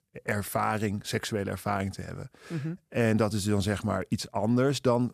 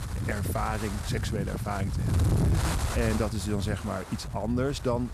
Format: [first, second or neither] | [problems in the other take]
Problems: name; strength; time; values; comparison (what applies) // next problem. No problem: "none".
first | wind noise on the microphone; heavy; 5 dB below the speech